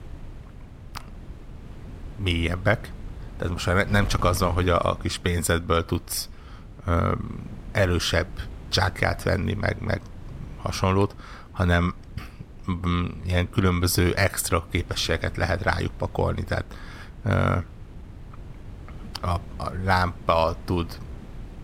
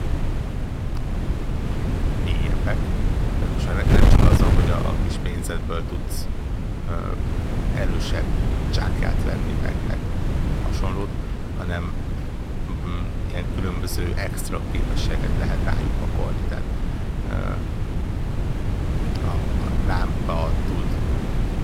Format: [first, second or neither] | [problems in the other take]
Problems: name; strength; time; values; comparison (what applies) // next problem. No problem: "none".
first | wind noise on the microphone; heavy; as loud as the speech; occasional gusts in the first